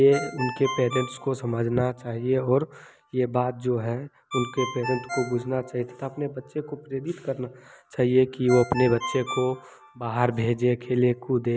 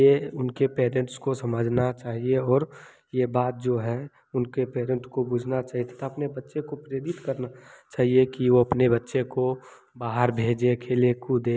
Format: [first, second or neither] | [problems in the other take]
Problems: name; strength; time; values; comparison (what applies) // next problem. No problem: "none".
second | background sound (Ringtone); 13 dB below the speech